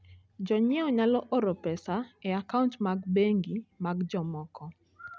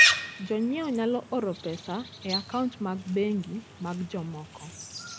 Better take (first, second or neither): first